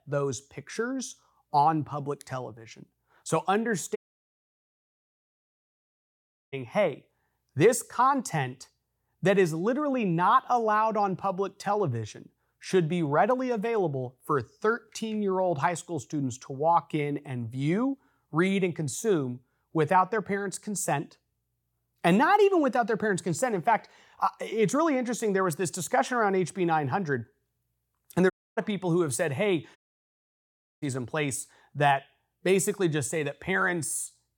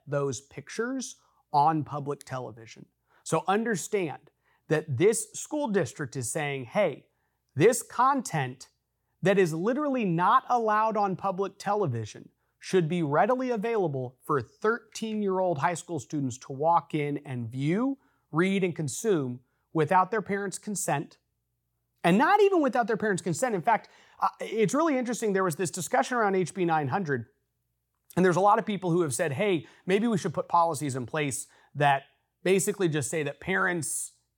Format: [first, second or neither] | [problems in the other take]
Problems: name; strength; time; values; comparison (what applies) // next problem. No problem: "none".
second | audio cutting out; at 4 s for 2.5 s, at 28 s and at 30 s for 1 s